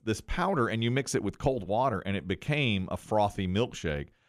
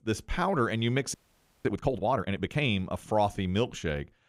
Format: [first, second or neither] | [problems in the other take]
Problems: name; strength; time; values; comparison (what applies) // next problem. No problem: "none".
first | audio freezing; at 1 s for 0.5 s